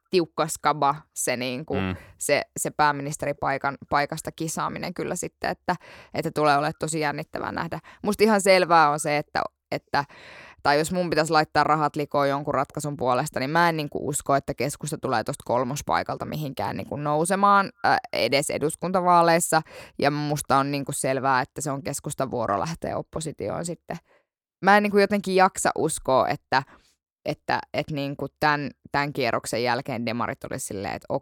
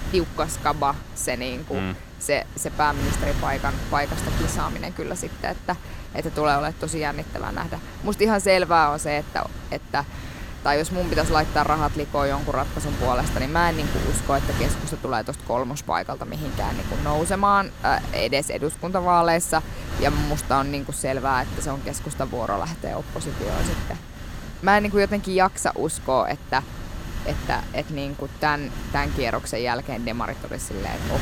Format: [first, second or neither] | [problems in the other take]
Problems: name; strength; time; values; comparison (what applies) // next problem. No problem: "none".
first | wind noise on the microphone; occasional gusts; 15 dB below the speech